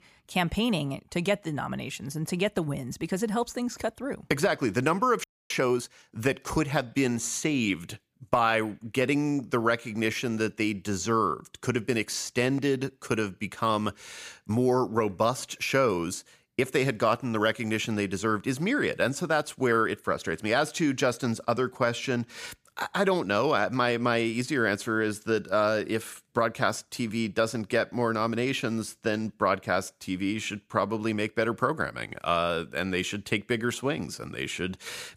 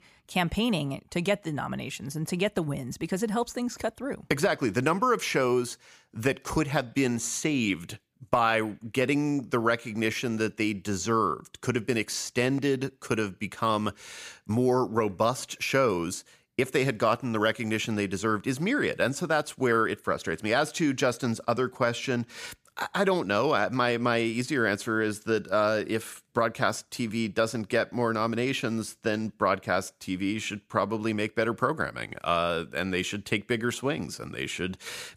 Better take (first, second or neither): second